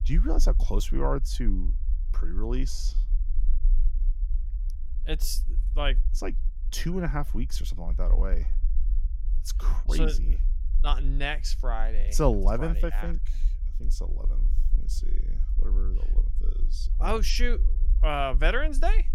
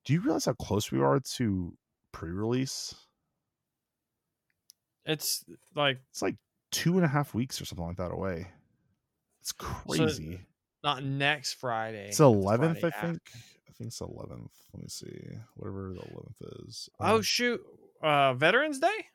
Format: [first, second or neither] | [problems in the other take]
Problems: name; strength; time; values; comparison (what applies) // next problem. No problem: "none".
second | low rumble; faint; throughout; 20 dB below the speech